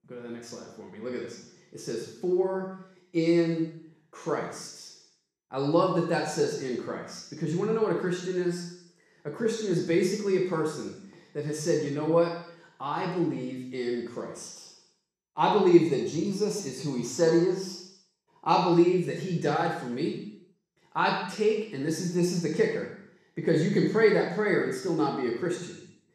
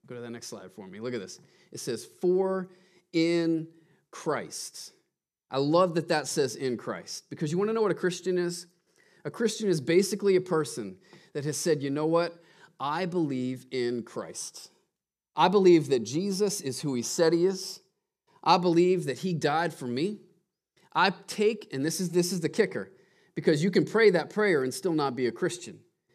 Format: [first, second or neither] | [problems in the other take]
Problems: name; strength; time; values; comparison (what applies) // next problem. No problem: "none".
second | room echo; noticeable; dies away in 0.7 s // off-mic speech; far